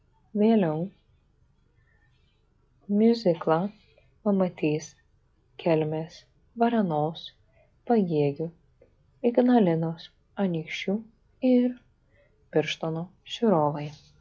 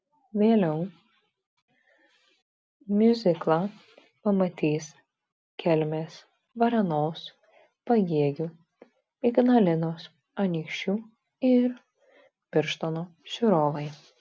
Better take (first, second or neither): second